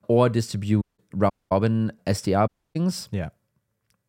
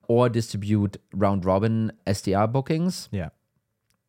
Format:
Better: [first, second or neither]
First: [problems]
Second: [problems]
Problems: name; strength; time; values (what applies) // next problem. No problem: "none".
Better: second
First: audio cutting out; at 1 s, at 1.5 s and at 2.5 s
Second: none